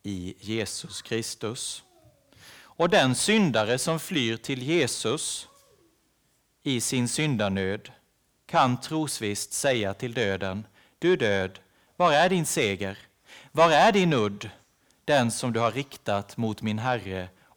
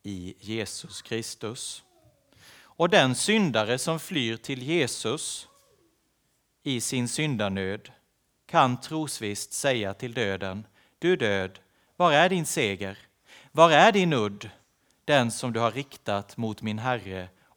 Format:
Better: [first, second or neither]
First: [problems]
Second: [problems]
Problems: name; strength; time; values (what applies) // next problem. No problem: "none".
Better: second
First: distortion; slight; 10 dB below the speech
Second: none